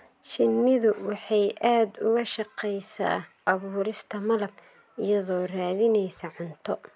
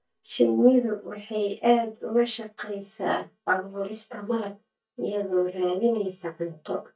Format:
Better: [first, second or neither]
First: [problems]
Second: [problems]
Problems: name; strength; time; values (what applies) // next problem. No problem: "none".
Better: first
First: none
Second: noise reduction (neural mask model DeepFilterNet 3)